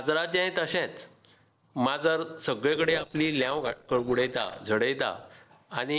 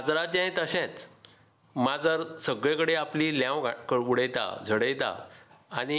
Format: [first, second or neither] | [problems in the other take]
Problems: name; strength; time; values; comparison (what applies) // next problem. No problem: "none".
second | noise reduction (neural separator model SepFormer DNS4)